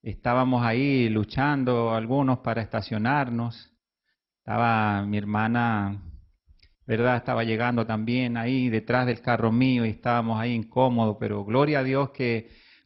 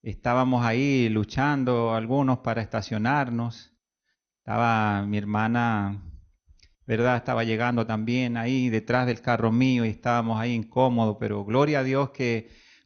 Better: second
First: garbled, watery; badly; nothing above 5 kHz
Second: garbled, watery; slightly; nothing above 6.5 kHz

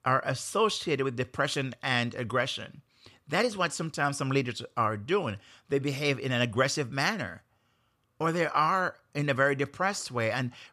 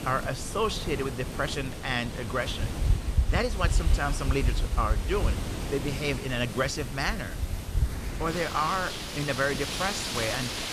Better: first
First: none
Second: wind in the background; loud; throughout; 1 dB below the speech

